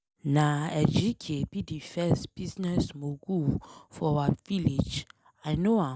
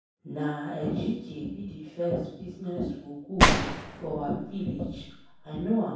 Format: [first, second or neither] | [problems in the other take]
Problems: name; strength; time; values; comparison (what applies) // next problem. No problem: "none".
first | background sound (Gunshot, gunfire); 5 dB above the speech // room echo; dies away in 0.7 s